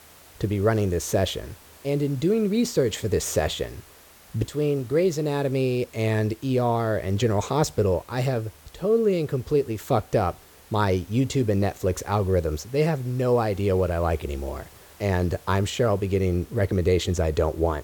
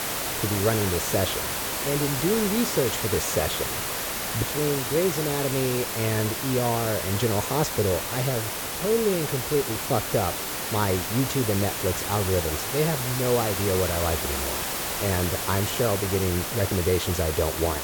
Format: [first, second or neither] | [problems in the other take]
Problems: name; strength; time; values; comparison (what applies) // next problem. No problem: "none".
first | hiss; loud; throughout; 1 dB below the speech; faint in the first